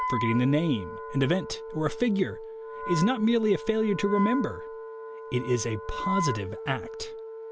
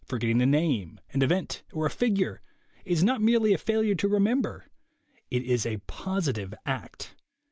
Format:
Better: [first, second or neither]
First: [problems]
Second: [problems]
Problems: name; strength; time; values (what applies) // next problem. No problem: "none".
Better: second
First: background sound (Wind instrument, woodwind instrument); 7 dB below the speech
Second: none